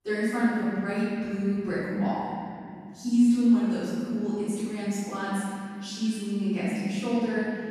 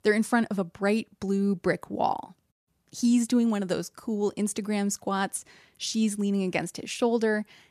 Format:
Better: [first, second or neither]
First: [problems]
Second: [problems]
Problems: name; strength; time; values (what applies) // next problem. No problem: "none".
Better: second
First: off-mic speech; far // room echo; strong; dies away in 3 s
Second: none